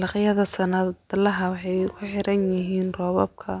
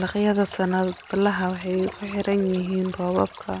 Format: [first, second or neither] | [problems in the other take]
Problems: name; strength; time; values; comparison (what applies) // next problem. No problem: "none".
first | background sound (Stream); 20 dB below the speech